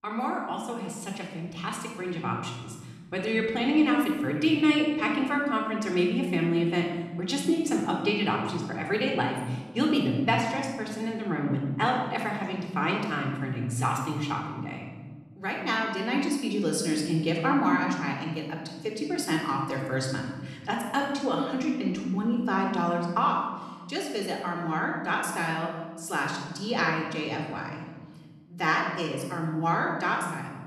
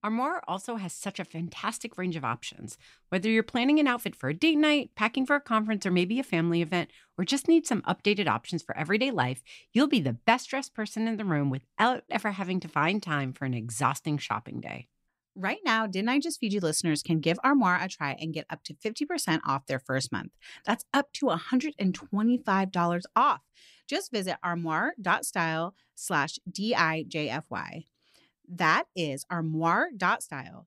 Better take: second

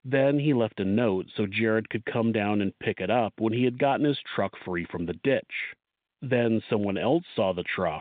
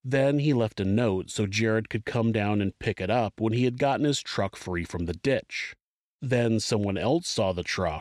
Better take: second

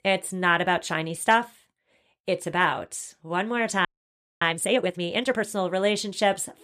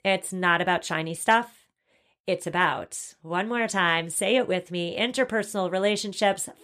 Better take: second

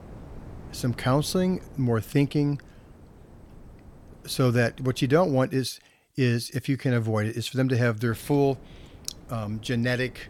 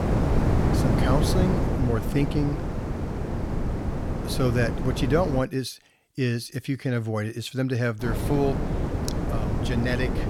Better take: first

